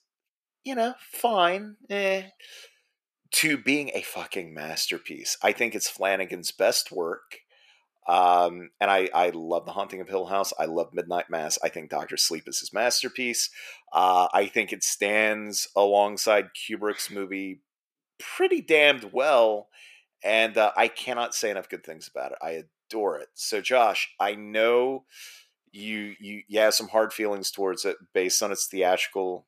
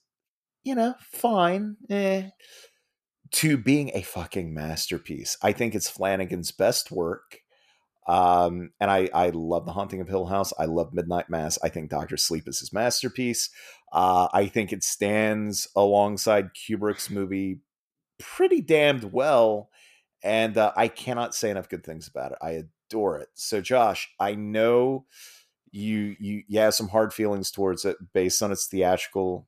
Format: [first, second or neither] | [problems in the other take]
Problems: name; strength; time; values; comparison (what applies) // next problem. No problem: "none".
second | thin; somewhat; fading below 350 Hz